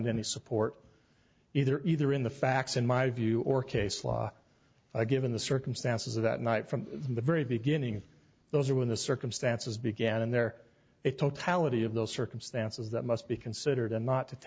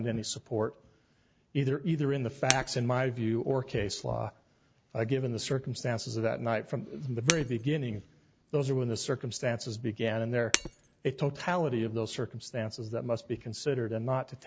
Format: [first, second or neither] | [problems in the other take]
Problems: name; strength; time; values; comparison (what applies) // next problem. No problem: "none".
first | background sound (Shatter); 6 dB below the speech